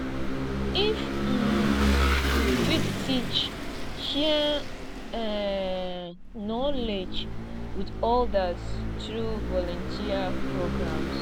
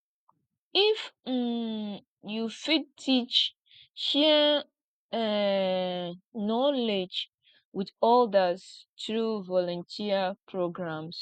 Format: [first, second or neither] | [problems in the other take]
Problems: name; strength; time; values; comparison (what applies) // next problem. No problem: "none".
second | background sound (Engine / Vehicle); 2 dB above the speech